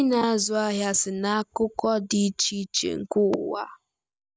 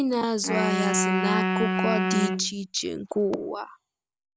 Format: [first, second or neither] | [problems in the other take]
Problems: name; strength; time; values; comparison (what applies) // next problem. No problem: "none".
first | background sound (Wind instrument, woodwind instrument); 1 dB above the speech